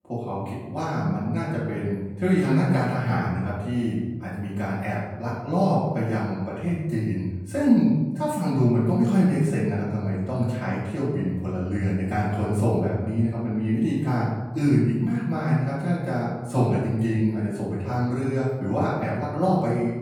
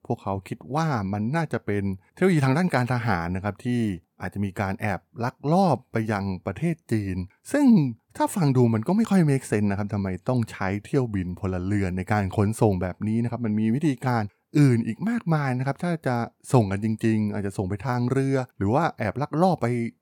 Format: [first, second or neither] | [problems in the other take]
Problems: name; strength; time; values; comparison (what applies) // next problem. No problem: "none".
second | off-mic speech; far // room echo; noticeable; dies away in 1.2 s